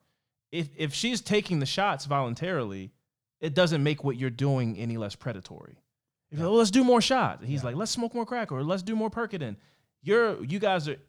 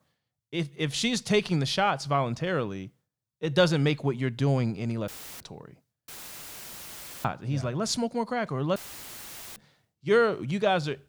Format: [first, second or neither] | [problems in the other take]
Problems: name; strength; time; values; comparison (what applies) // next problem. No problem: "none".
first | audio cutting out; filled with static; at 5 s, at 6 s for 1 s and at 9 s for 1 s